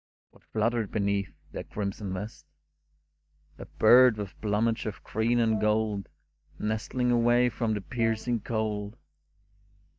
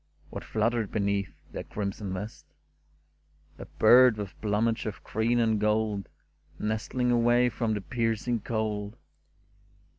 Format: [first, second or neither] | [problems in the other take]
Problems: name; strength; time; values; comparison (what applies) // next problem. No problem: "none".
second | noise reduction (neural mask model DeepFilterNet 3)